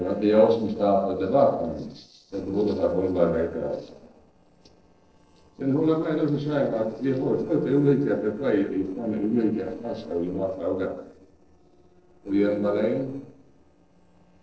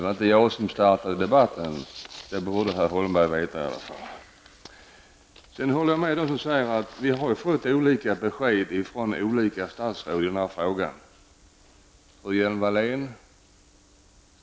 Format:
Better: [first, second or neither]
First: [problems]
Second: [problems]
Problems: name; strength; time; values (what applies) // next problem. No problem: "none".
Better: second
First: noise reduction (neural separator model SepFormer DNS4)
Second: none